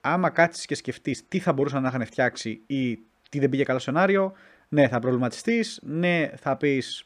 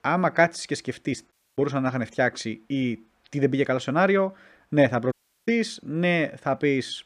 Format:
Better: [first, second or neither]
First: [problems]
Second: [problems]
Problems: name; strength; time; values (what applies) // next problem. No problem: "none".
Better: first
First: none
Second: audio cutting out; at 1.5 s and at 5 s